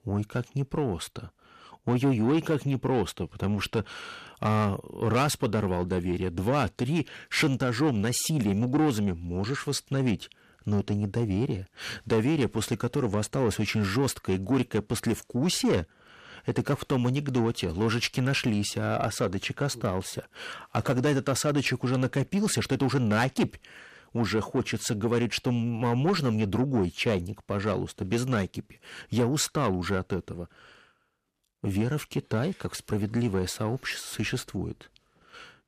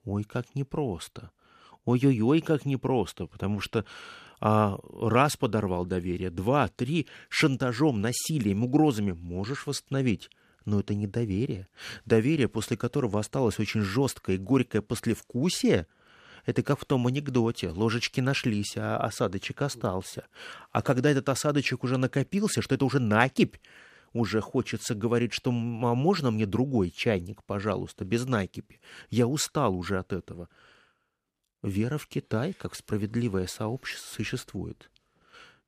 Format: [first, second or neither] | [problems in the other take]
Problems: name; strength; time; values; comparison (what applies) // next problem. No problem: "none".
second | distortion; slight; 10 dB below the speech